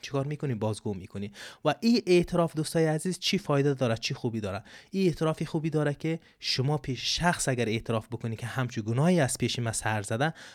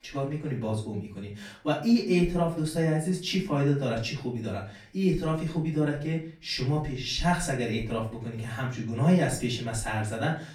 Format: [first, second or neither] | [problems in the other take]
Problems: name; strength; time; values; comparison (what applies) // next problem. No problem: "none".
first | off-mic speech; far // room echo; slight; dies away in 0.4 s